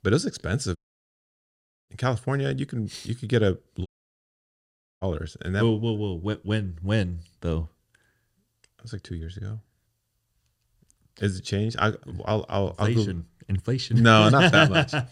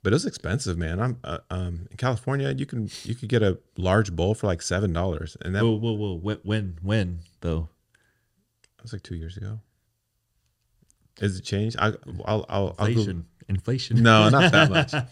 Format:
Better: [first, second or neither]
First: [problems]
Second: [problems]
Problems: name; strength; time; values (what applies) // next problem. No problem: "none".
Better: second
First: audio cutting out; at 1 s for 1 s and at 4 s for 1 s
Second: none